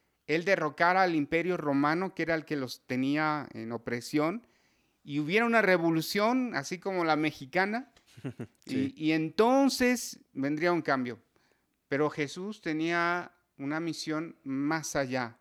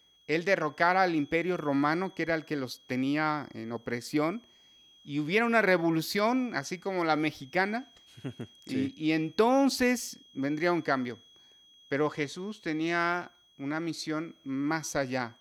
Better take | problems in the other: first | high-pitched whine; faint; throughout; 3.5 kHz, 30 dB below the speech

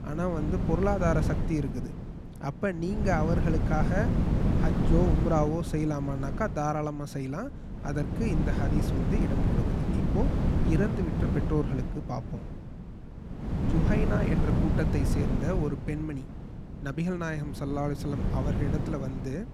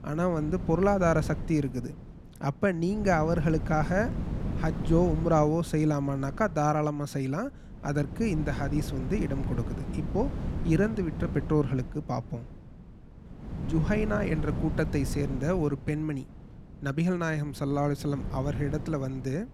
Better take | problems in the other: second | wind noise on the microphone; heavy; 4 dB below the speech; occasional gusts in the second

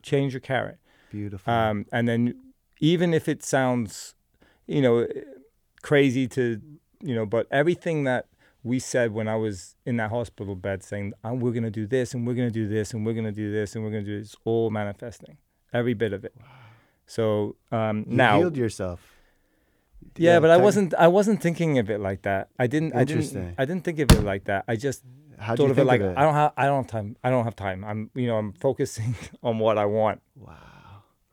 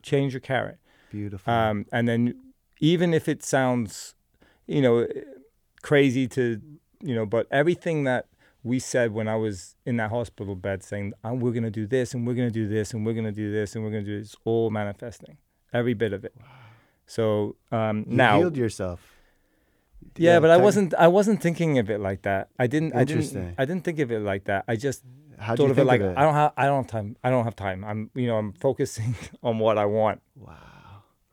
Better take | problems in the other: second | door banging; loud; at 24 s; peak 4 dB above the speech

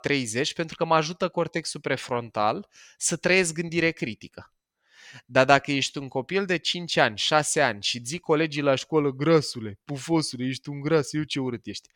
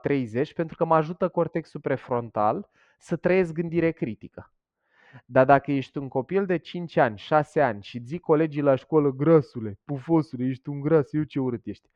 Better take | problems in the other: first | muffled; very; fading above 3 kHz

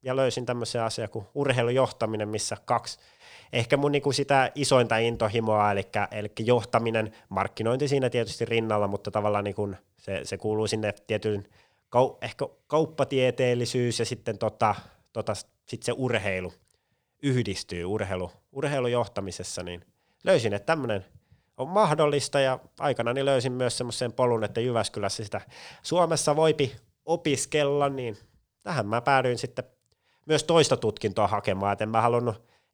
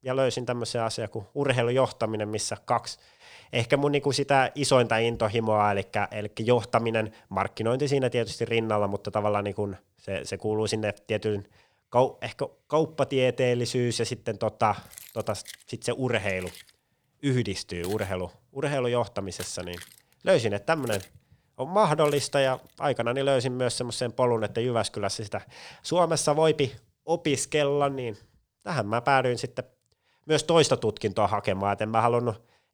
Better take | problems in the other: first | jangling keys; faint; from 15 to 22 s; peak 10 dB below the speech

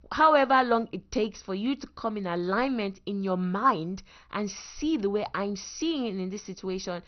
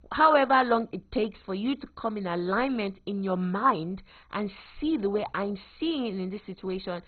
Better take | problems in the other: first | garbled, watery; badly; nothing above 4 kHz; slightly in the first

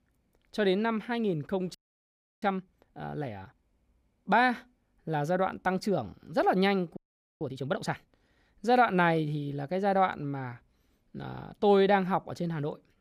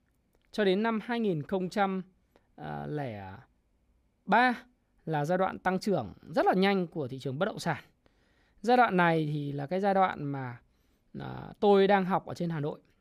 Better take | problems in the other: second | audio freezing; at 2 s for 0.5 s and at 7 s

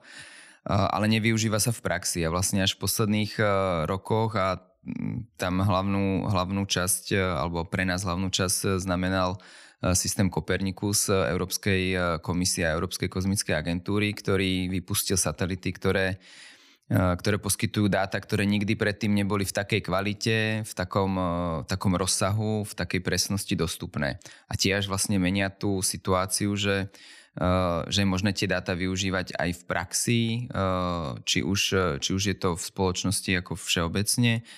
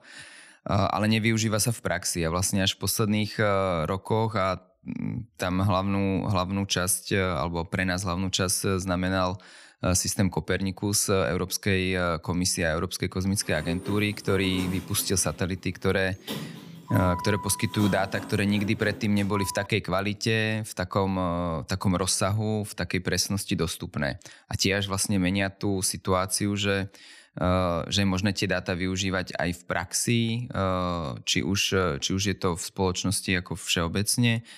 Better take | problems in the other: first | door banging; noticeable; from 13 to 20 s; peak 7 dB below the speech

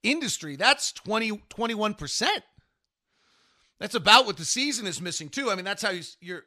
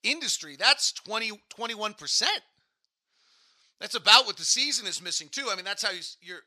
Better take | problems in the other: first | thin; somewhat; fading below 750 Hz

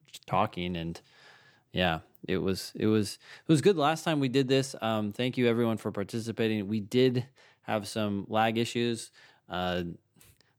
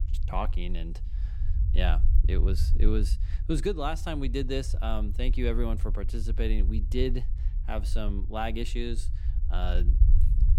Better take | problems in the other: first | low rumble; noticeable; throughout; 15 dB below the speech

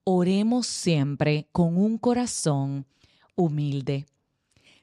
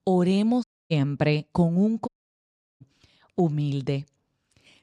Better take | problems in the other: first | audio cutting out; at 0.5 s and at 2 s for 0.5 s

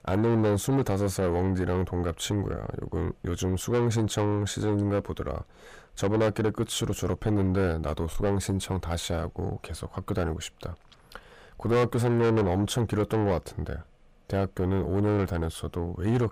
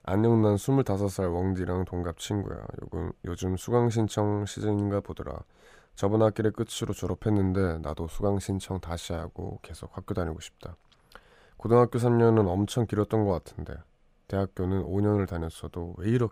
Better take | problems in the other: second | distortion; heavy; 7 dB below the speech

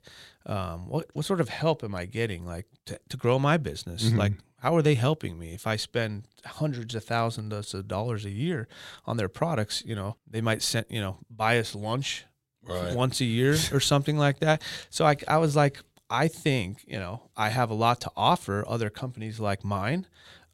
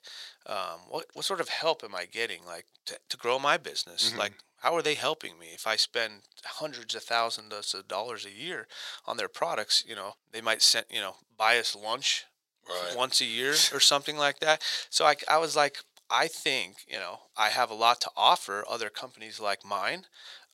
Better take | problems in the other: first | thin; very; fading below 650 Hz

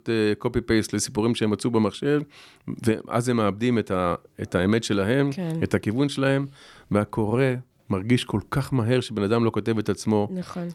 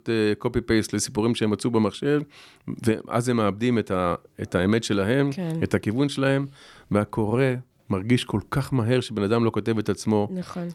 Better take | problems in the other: neither | none

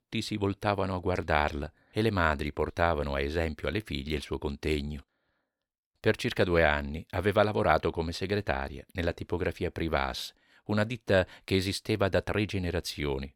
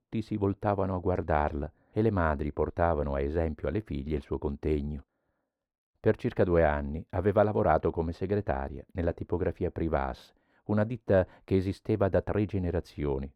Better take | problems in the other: first | muffled; very; fading above 2 kHz

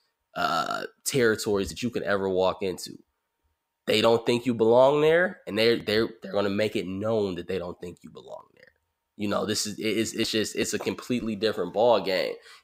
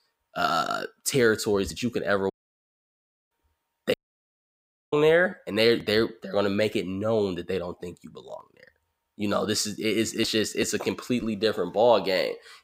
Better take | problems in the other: first | audio cutting out; at 2.5 s for 1 s and at 4 s for 1 s

